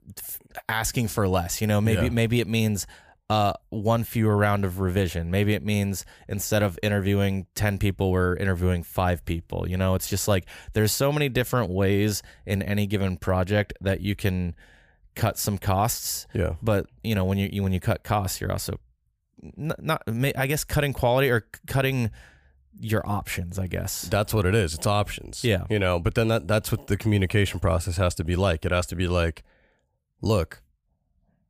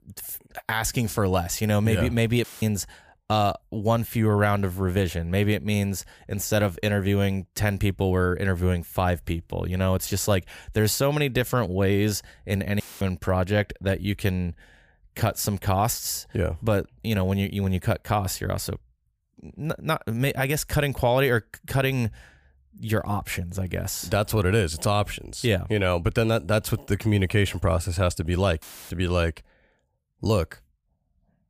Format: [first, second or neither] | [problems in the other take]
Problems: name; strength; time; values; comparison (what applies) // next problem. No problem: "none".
first | audio cutting out; filled with static; at 2.5 s, at 13 s and at 29 s